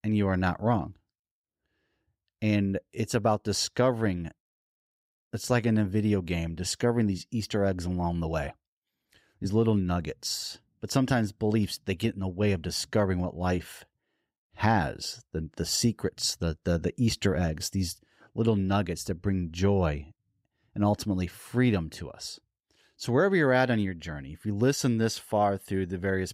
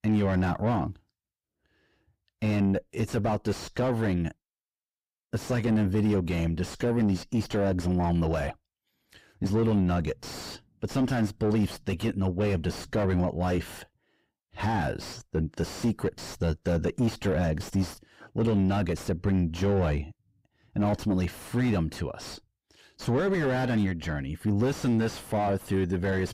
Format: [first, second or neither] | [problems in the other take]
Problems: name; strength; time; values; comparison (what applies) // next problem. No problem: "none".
first | distortion; heavy; 5 dB below the speech